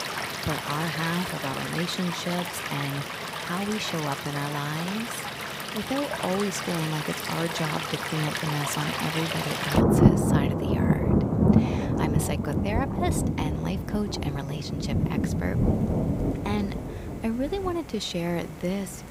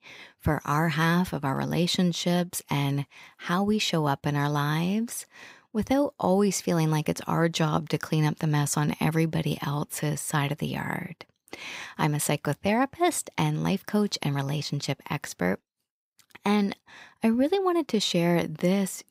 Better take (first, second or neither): second